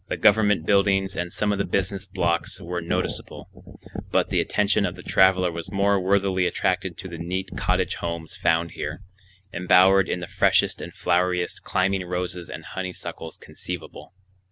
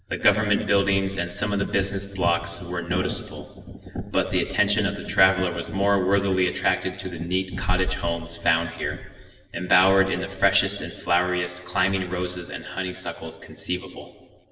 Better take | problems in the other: first | room echo; dies away in 1.4 s

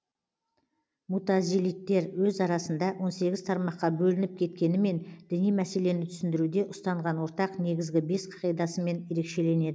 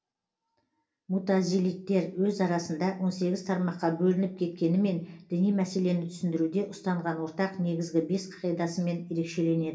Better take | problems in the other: first | room echo; dies away in 0.3 s

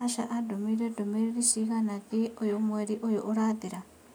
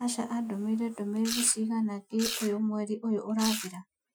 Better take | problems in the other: first | noise reduction (classical method Wiener filter)

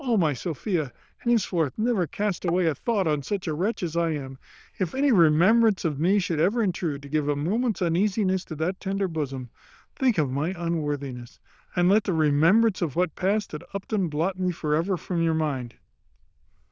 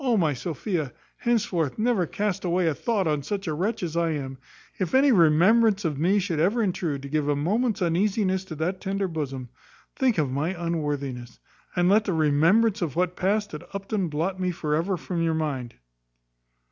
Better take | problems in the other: second | noise reduction (neural diffusion model UNIVERSE++)

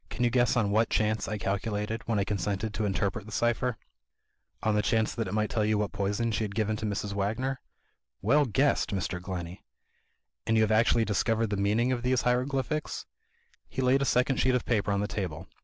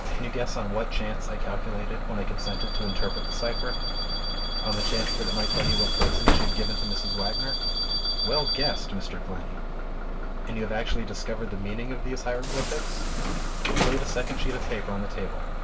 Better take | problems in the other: first | background sound (Bus / Alarm); 5 dB above the speech // room echo; dies away in 0.1 s

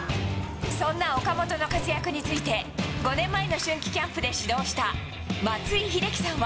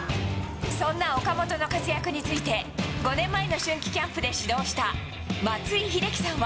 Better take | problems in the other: second | background sound (Breathing); 18 dB below the speech

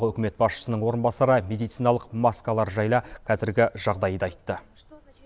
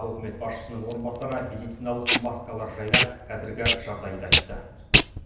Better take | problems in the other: first | background sound (Packing tape, duct tape); 5 dB above the speech // room echo; dies away in 0.9 s

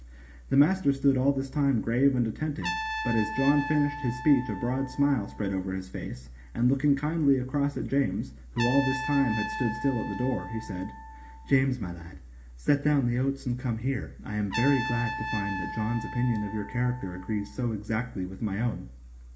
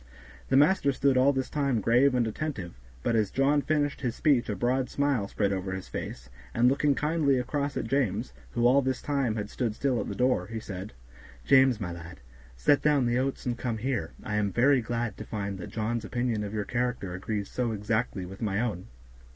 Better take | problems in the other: second | background sound (Trumpet); 11 dB below the speech // room echo; dies away in 0.4 s

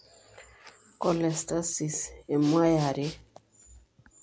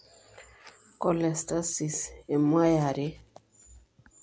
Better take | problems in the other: second | background sound (Respiratory sounds); 20 dB below the speech

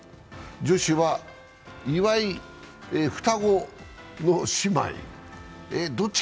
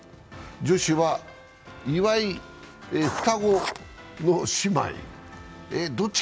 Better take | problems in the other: first | background sound (Writing); 8 dB below the speech

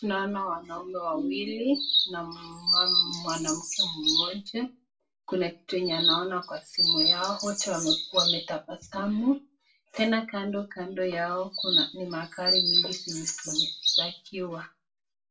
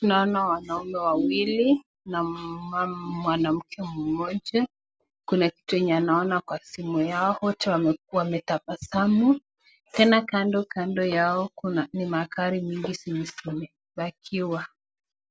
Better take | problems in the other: second | background sound (Chirp, tweet); 4 dB above the speech // room echo; dies away in 0.2 s

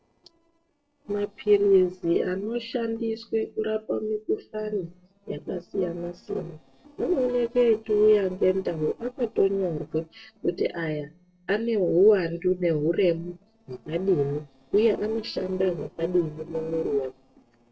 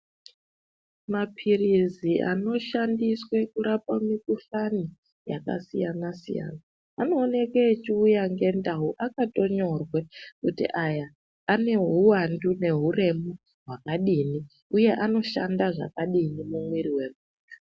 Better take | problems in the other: second | noise reduction (neural separator model SepFormer DNS4)

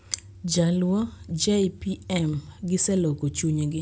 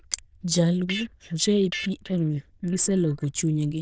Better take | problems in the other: first | noise reduction (neural diffusion model UNIVERSE++)

